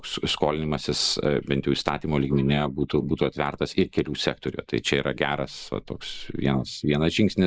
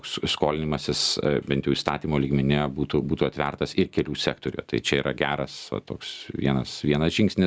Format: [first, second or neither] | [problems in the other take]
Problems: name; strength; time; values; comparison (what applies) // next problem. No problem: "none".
second | noise reduction (neural mask model Resemble Enhance denoiser)